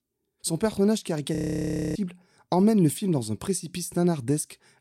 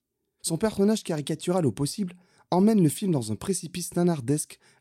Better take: second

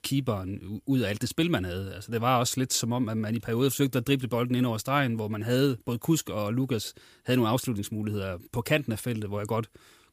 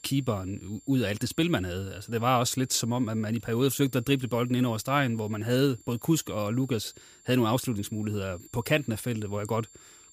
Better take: first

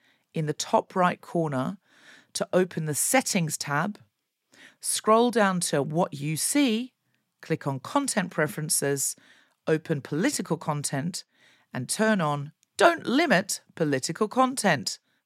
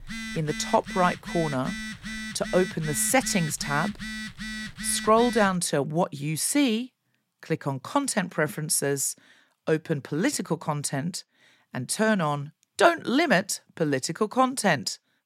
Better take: first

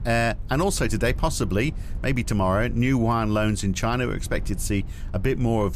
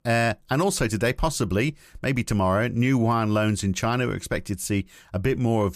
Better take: second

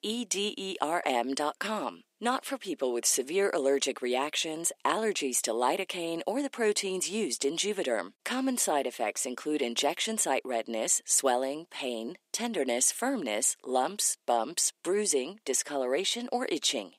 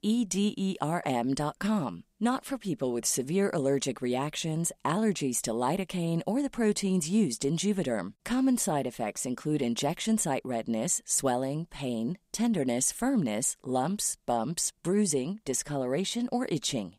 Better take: second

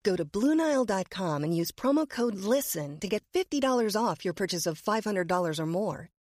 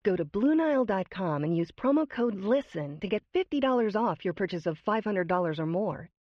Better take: first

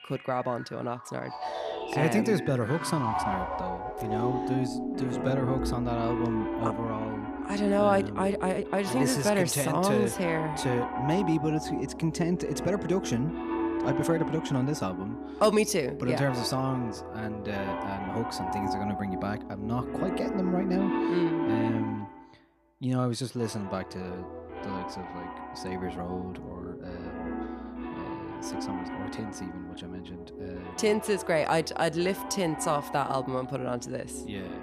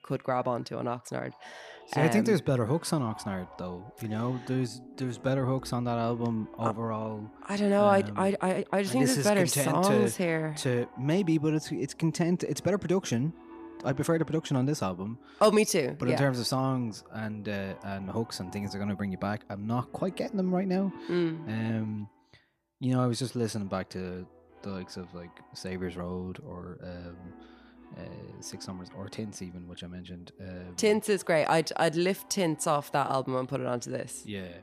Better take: second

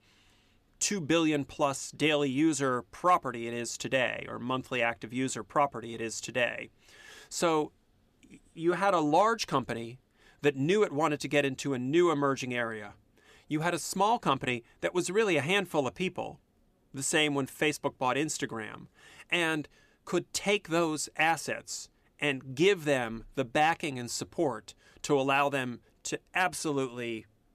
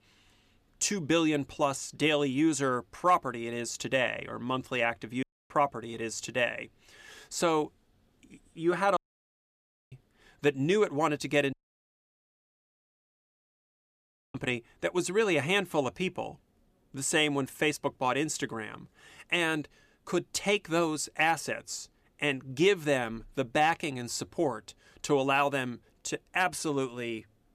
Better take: first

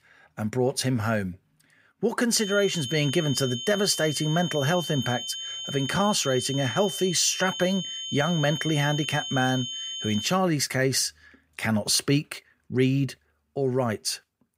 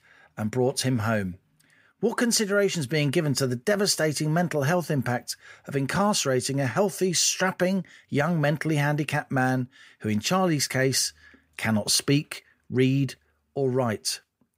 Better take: second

